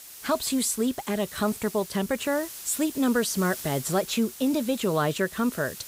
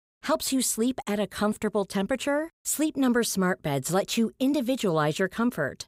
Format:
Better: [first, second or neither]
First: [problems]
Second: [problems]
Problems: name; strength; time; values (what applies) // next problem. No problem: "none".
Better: second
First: hiss; noticeable; throughout; 10 dB below the speech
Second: none